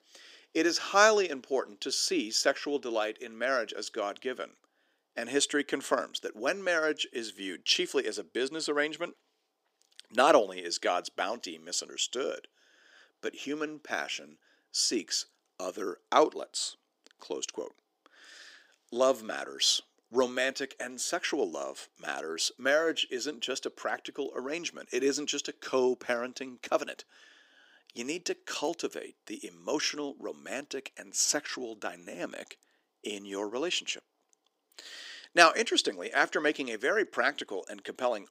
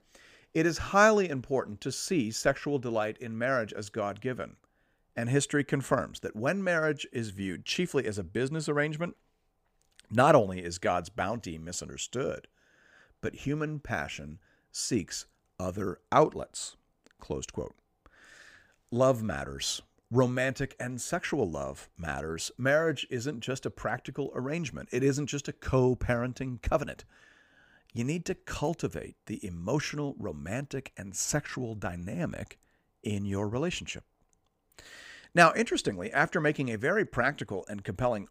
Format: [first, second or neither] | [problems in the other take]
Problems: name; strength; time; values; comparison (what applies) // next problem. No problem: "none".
second | thin; somewhat; fading below 300 Hz